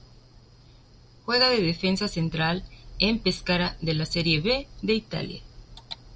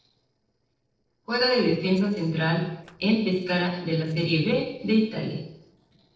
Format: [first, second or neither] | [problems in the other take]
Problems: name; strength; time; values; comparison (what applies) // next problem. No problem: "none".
first | noise reduction (neural separator model SepFormer DNS4)